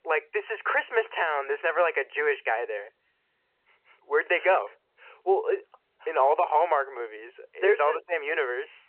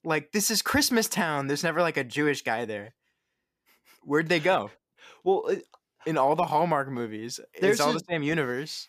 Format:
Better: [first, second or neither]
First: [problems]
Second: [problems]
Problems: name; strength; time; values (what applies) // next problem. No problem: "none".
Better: second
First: phone-call audio; nothing above 2.5 kHz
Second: none